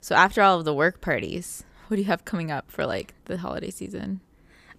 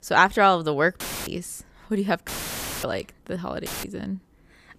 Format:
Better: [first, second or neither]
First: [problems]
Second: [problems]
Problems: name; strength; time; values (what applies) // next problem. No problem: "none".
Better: first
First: none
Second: audio cutting out; filled with static; at 1 s, at 2.5 s for 0.5 s and at 3.5 s